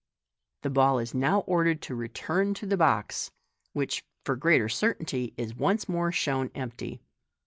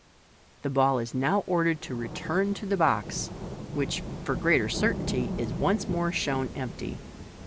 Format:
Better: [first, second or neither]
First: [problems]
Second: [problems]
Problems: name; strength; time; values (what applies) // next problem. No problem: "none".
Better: first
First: none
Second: background sound (Rain / Thunderstorm); 8 dB below the speech